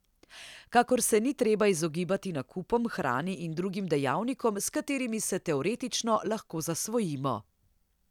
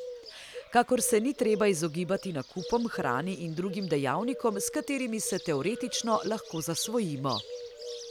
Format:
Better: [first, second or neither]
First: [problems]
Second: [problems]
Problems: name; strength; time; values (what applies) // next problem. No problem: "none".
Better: first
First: none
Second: background sound (Bird); 12 dB below the speech